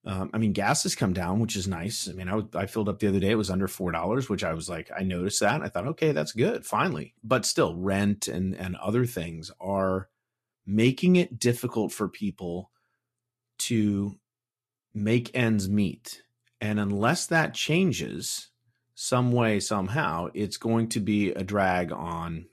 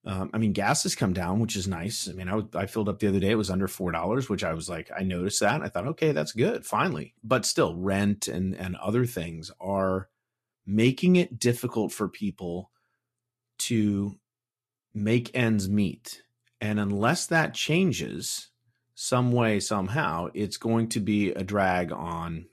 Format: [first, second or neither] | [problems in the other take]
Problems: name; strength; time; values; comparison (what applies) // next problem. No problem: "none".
neither | garbled, watery; slightly; nothing above 13 kHz; the same in both